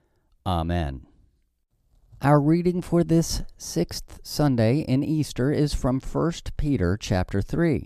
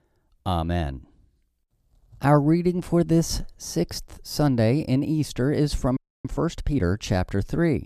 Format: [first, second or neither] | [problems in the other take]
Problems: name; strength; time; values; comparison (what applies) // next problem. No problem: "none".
first | audio freezing; at 6 s